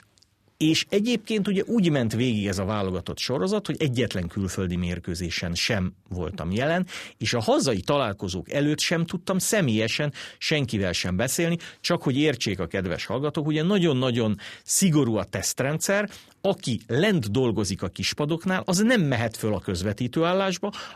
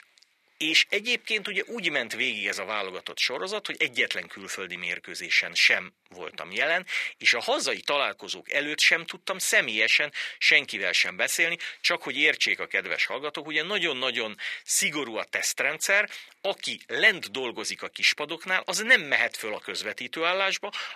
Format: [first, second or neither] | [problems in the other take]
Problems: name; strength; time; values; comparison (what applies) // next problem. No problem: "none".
first | thin; very; fading below 550 Hz